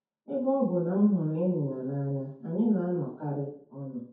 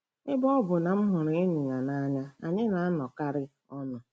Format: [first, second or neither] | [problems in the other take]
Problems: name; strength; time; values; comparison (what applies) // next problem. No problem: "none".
second | room echo; dies away in 0.6 s